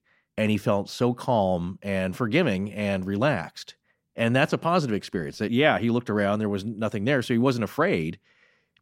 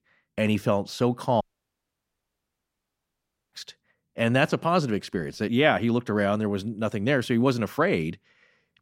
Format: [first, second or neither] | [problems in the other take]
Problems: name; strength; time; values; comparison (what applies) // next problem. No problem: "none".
first | audio cutting out; at 1.5 s for 2 s